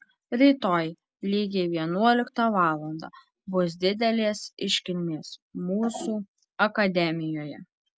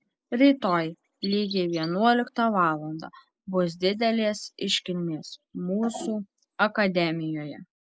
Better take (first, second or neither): first